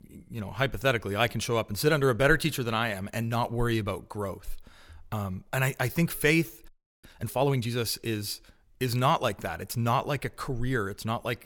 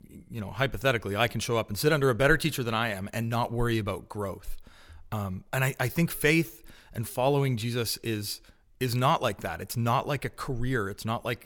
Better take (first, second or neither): second